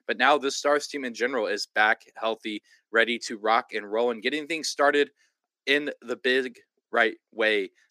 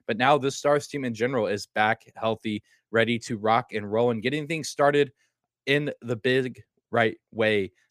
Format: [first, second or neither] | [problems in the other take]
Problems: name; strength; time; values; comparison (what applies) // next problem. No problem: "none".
second | thin; very slightly; fading below 300 Hz